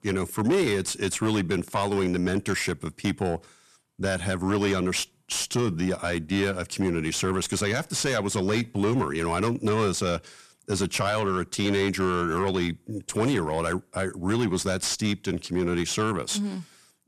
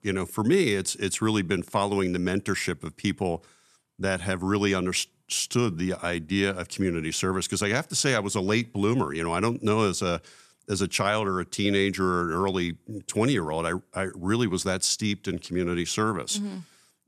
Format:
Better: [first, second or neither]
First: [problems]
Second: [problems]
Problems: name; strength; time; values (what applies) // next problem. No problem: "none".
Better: second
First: distortion; slight; 10 dB below the speech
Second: none